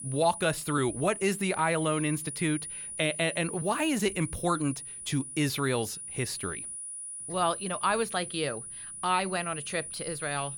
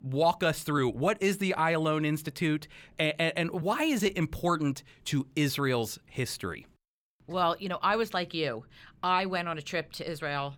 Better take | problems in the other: second | high-pitched whine; loud; throughout; 9.5 kHz, 7 dB below the speech

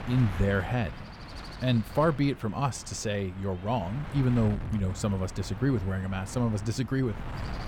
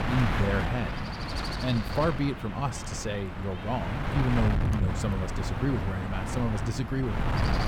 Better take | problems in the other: first | wind noise on the microphone; heavy; as loud as the speech; occasional gusts in the first

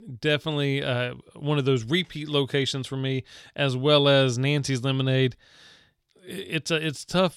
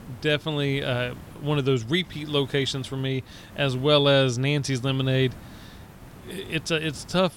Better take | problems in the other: first | hiss; faint; throughout; 20 dB below the speech

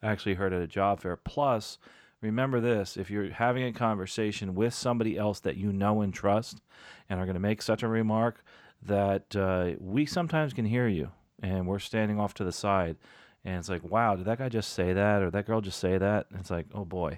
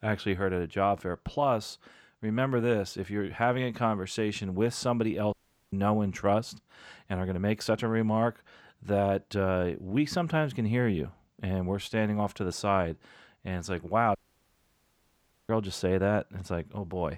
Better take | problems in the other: first | audio cutting out; at 5.5 s and at 14 s for 1.5 s

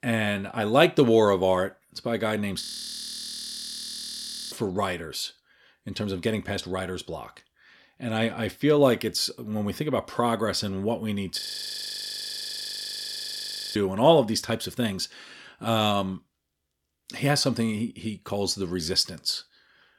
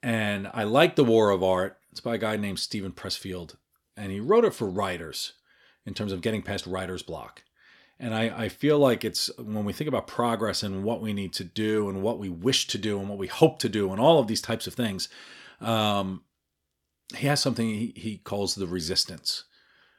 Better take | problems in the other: second | audio freezing; at 2.5 s for 2 s and at 11 s for 2.5 s

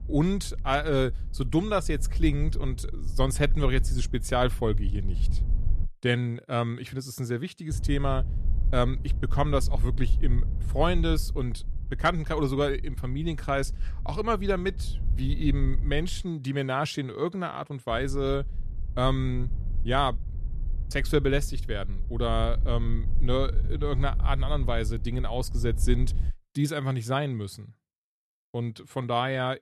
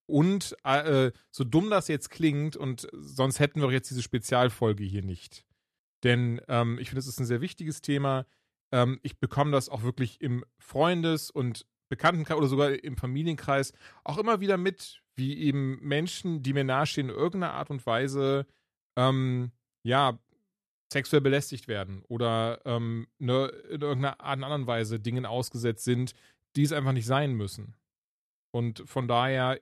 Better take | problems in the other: second | low rumble; faint; until 6 s, from 7.5 to 16 s and from 18 to 26 s; 20 dB below the speech

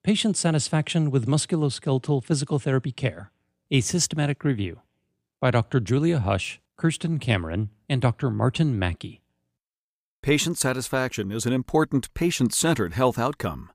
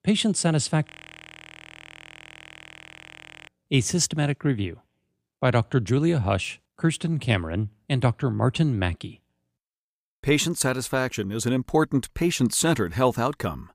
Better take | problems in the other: first | audio freezing; at 1 s for 2.5 s

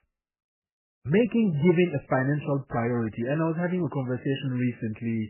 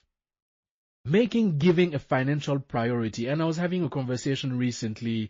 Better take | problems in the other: second | garbled, watery; badly; nothing above 3 kHz; slightly in the second

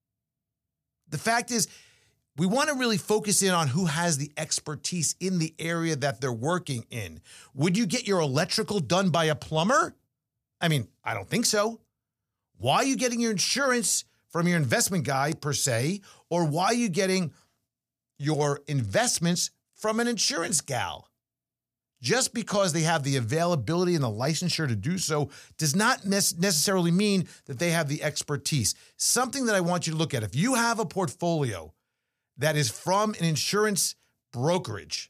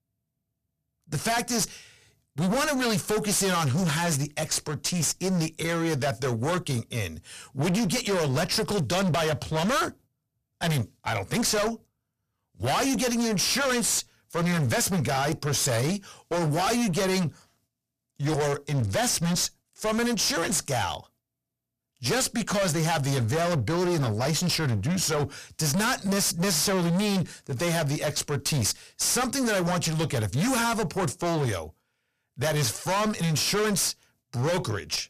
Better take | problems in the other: first | distortion; heavy; 27% of the sound clipped

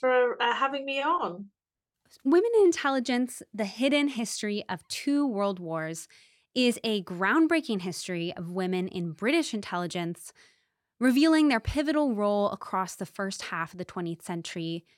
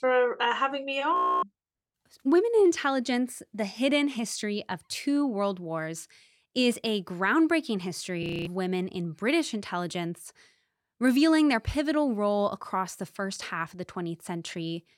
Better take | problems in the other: first | audio freezing; at 1 s and at 8 s

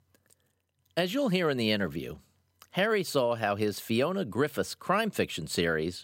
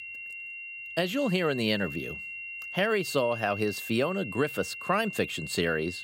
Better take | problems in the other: first | high-pitched whine; loud; throughout; 3 kHz, 8 dB below the speech

